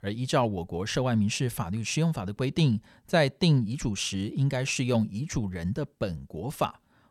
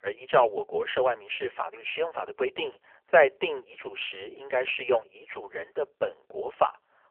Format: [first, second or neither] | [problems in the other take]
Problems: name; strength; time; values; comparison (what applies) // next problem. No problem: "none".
first | phone-call audio; poor line; nothing above 3 kHz